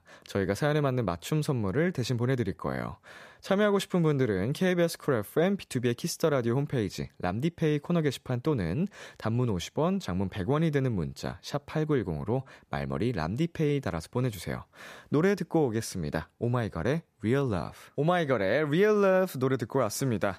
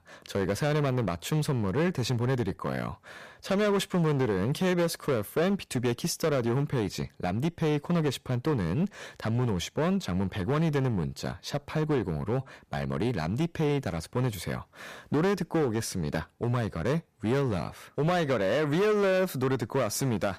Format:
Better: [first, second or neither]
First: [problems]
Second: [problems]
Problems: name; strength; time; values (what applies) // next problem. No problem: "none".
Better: first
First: none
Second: distortion; slight; 12% of the sound clipped